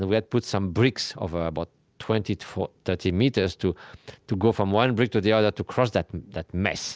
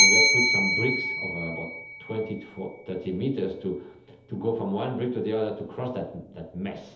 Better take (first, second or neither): first